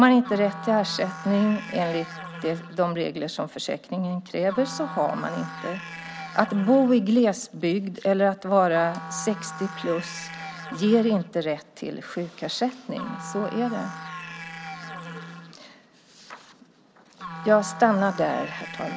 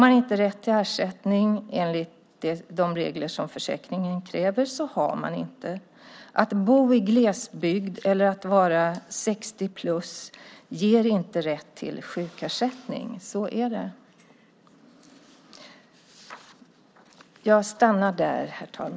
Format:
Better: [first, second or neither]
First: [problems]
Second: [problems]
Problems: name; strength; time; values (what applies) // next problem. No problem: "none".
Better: second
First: background sound (Musical instrument); 14 dB below the speech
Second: none